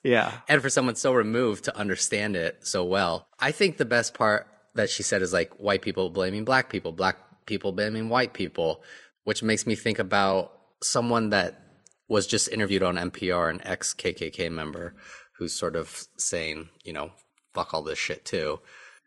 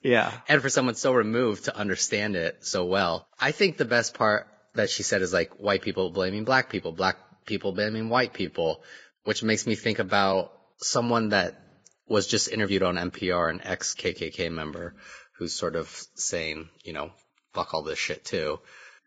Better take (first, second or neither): first